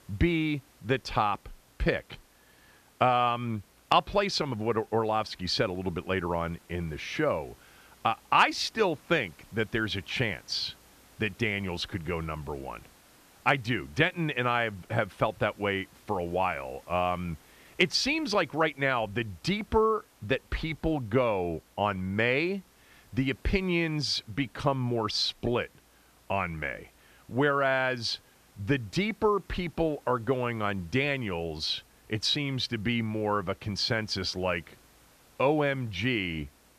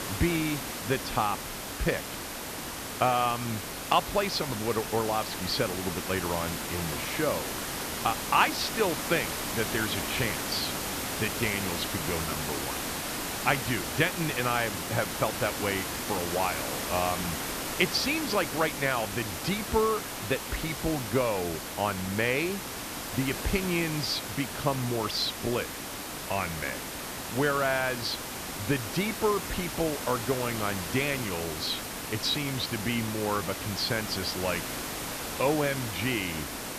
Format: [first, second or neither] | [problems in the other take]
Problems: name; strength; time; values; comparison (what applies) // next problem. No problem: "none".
first | hiss; loud; throughout; 3 dB below the speech; faint in the first